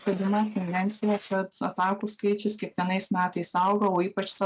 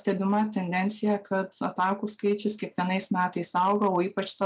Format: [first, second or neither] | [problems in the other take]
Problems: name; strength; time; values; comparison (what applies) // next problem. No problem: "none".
second | noise reduction (neural mask model RNNoise)